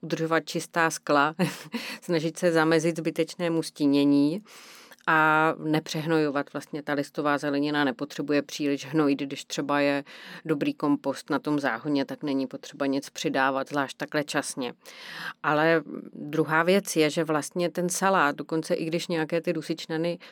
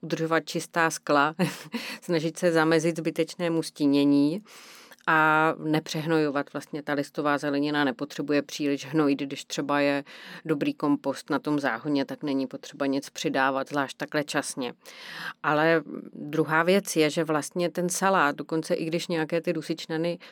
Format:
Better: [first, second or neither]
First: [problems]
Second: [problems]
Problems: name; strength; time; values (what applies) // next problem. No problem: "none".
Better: neither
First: none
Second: none